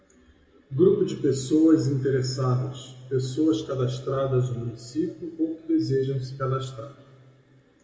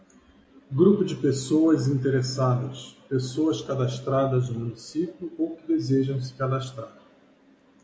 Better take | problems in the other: second | room echo; dies away in 1.2 s

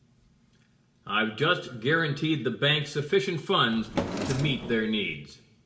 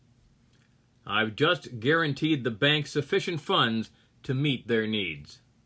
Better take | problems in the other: second | background sound (Drawer open or close); 6 dB below the speech // room echo; dies away in 0.6 s

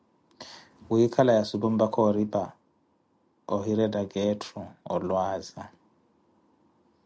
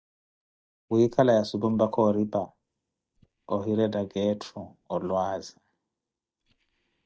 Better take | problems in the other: first | noise reduction (neural mask model DeepFilterNet 3)

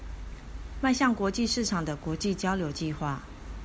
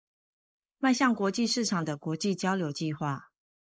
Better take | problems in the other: first | noise reduction (neural mask model Resemble Enhance denoiser)

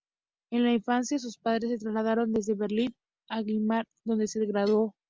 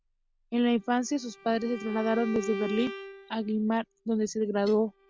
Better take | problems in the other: first | background sound (Bowed string instrument); 13 dB below the speech

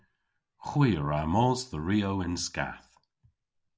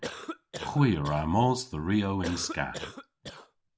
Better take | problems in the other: first | background sound (Cough); 12 dB below the speech

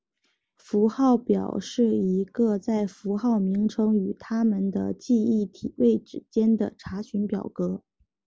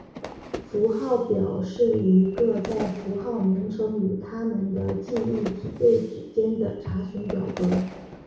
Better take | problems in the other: first | background sound (Fire / Fireworks); 14 dB below the speech // room echo; dies away in 0.6 s

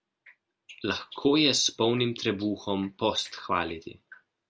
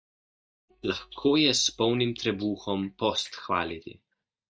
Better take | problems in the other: first | noise reduction (neural mask model DeepFilterNet 3)

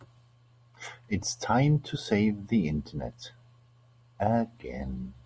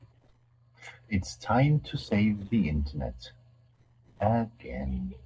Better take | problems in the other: first | noise reduction (neural separator model SepFormer DNS4)

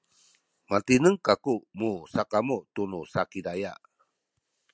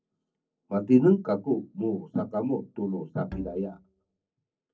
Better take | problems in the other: first | noise reduction (neural separator model SepFormer DNS4)

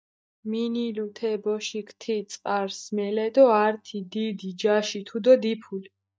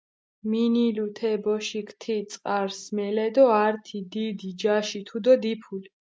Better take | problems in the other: second | noise reduction (neural mask model DeepFilterNet 3)

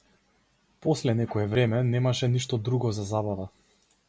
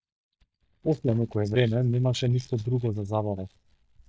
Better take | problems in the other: first | noise reduction (neural mask model DeepFilterNet 3)

